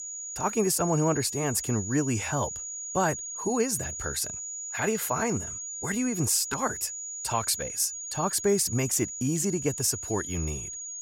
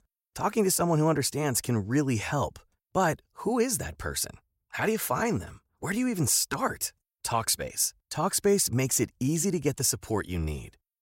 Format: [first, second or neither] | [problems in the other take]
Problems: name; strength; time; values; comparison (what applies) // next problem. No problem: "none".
second | high-pitched whine; loud; throughout; 6.5 kHz, 6 dB below the speech